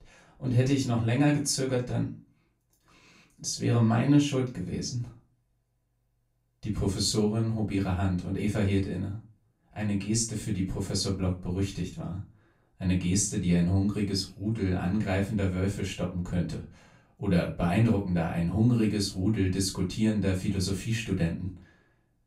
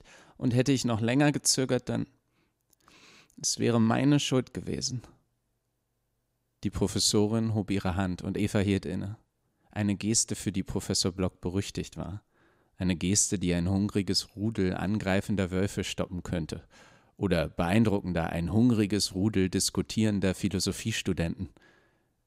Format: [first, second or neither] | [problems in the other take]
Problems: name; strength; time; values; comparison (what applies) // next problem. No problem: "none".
second | off-mic speech; far // room echo; slight; dies away in 0.3 s